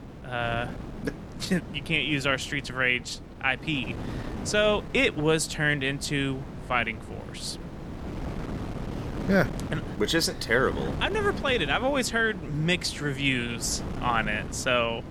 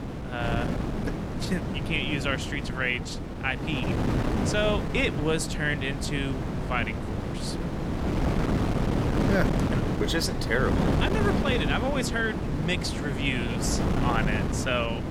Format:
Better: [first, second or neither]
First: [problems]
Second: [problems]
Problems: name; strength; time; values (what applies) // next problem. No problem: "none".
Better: first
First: wind noise on the microphone; occasional gusts; 15 dB below the speech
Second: wind noise on the microphone; heavy; 4 dB below the speech